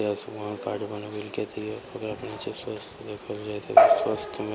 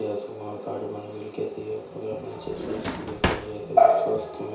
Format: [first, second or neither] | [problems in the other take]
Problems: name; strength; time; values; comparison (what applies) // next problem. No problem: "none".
first | background sound (Drawer open or close); 4 dB below the speech // room echo; dies away in 0.6 s